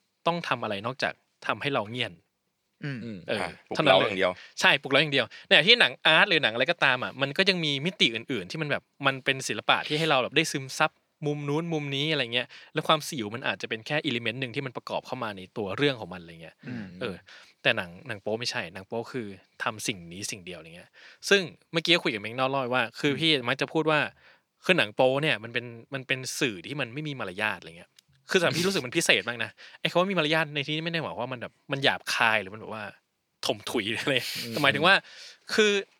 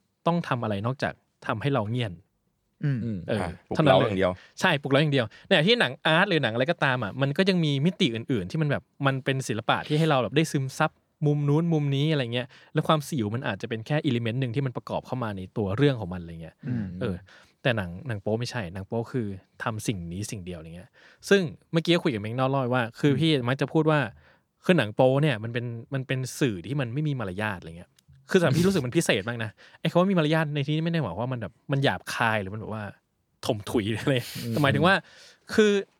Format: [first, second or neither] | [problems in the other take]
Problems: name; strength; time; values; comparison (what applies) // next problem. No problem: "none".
second | thin; very slightly; fading below 450 Hz